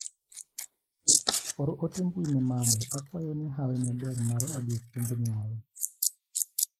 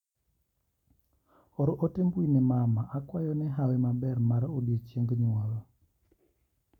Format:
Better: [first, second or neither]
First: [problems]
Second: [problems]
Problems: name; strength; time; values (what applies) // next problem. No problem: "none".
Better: second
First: noise reduction (neural mask model Resemble Enhance denoiser)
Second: none